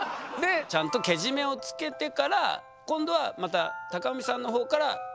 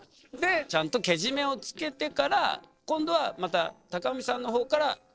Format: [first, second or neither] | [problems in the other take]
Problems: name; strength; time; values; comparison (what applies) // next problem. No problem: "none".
first | noise reduction (neural separator model SepFormer DNS4)